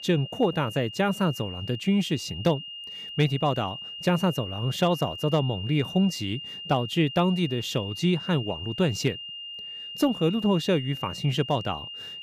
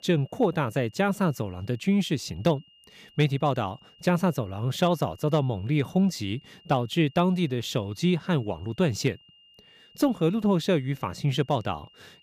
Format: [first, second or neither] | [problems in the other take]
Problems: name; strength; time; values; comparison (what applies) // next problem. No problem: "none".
second | high-pitched whine; loud; throughout; 3 kHz, 10 dB below the speech; faint in the second